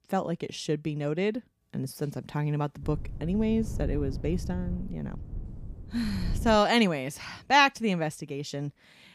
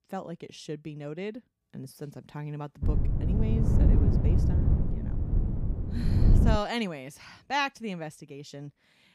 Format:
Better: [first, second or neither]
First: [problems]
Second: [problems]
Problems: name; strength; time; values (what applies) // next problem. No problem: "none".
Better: first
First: wind noise on the microphone; occasional gusts; from 3 to 6.5 s; 20 dB below the speech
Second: wind noise on the microphone; heavy; from 3 to 6.5 s; 3 dB below the speech